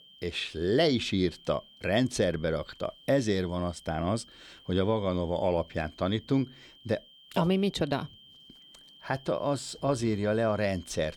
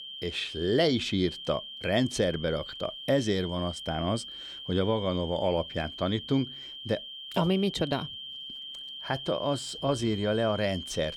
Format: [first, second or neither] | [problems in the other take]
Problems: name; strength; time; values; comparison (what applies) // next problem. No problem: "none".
first | high-pitched whine; loud; throughout; 3 kHz, 9 dB below the speech; faint in the first